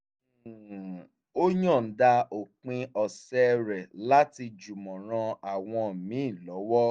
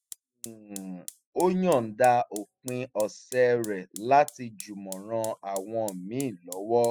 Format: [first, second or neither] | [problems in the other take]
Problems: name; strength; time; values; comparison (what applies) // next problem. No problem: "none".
first | noise reduction (classical method spectral subtraction)